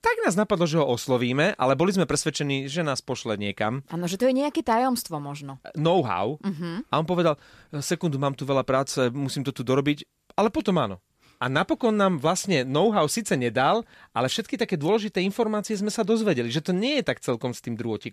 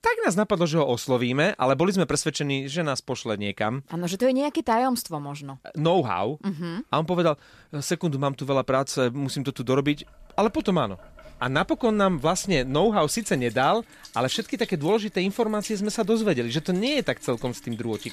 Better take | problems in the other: first | household noises; faint; from 9.5 s on; 20 dB below the speech

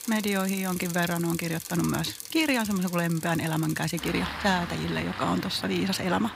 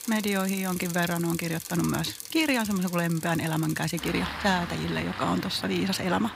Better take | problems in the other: neither | traffic noise; loud; throughout; 10 dB below the speech; the same in both

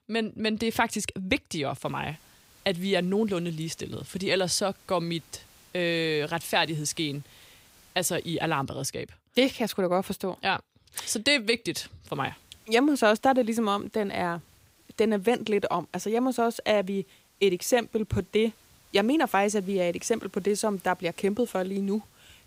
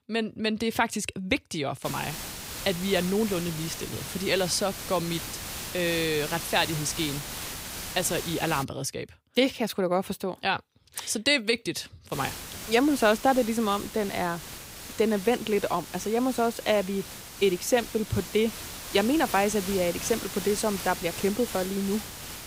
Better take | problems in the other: first | hiss; loud; from 2 to 8.5 s and from 12 s on; 9 dB below the speech; faint in the first

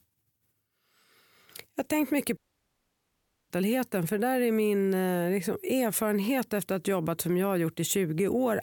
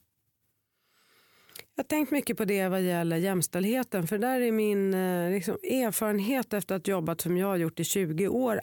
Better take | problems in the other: second | audio cutting out; at 2.5 s for 1 s

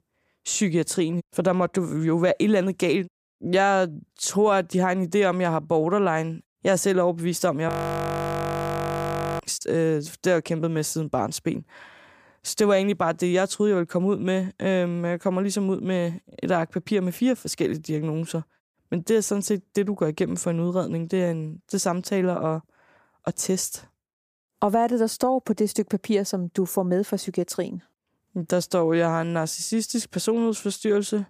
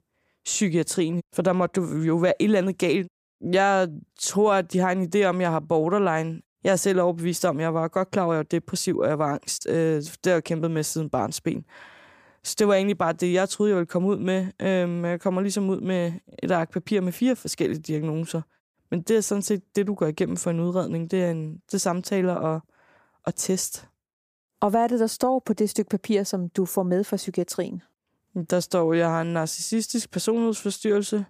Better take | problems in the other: second | audio freezing; at 7.5 s for 1.5 s

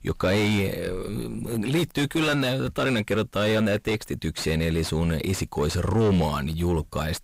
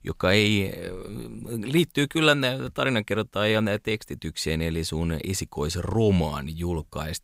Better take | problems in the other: second | distortion; heavy; 6 dB below the speech

